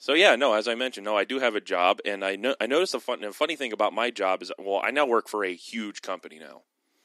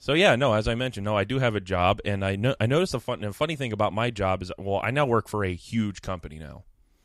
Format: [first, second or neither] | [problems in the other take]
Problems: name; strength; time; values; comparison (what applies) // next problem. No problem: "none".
second | thin; somewhat; fading below 250 Hz